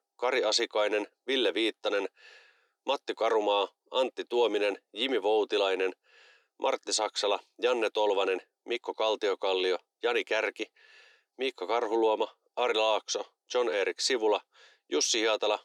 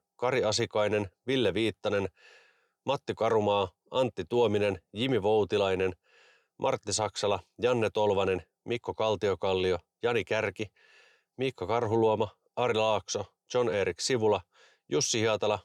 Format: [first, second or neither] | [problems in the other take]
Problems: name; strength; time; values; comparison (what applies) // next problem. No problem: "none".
second | thin; somewhat; fading below 300 Hz